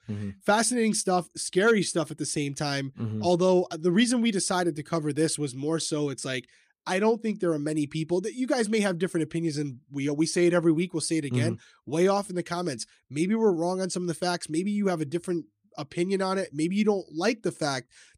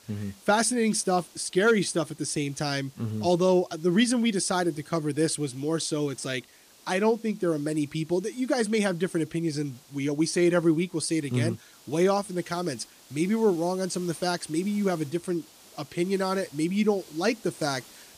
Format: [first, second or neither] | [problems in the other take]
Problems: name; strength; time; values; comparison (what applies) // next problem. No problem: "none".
first | hiss; faint; throughout; 25 dB below the speech